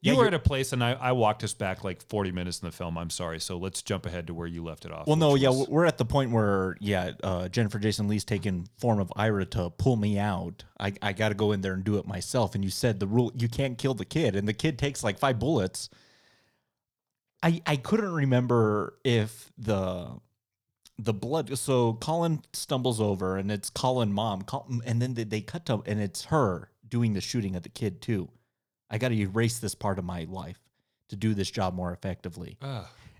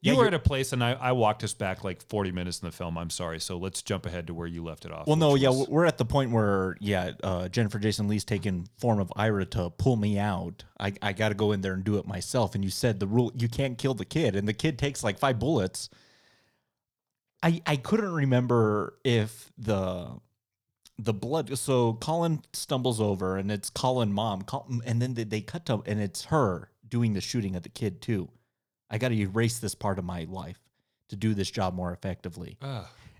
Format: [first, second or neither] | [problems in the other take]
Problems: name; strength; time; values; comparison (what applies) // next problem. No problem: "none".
neither | none